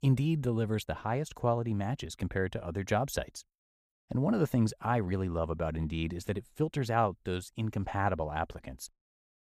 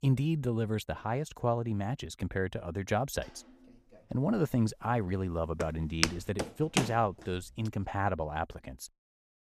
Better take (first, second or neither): first